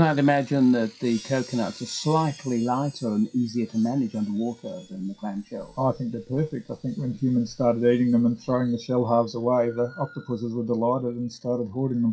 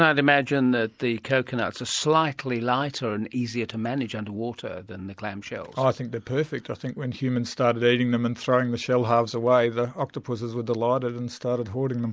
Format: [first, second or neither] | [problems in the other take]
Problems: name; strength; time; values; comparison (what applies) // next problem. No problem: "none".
second | noise reduction (classical method WPE with log-MMSE)